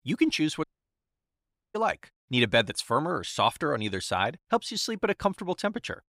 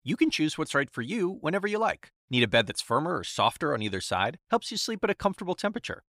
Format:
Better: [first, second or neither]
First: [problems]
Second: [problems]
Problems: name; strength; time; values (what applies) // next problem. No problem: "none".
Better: second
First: audio cutting out; at 0.5 s for 1 s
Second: none